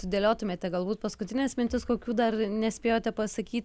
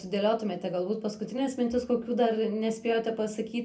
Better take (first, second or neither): first